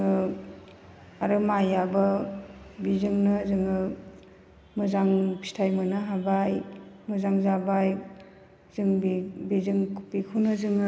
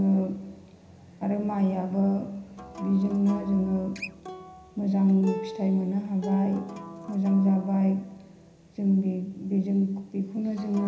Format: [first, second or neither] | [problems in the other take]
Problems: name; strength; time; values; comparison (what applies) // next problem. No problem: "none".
first | background sound (Acoustic guitar); 16 dB below the speech // room echo; dies away in 0.5 s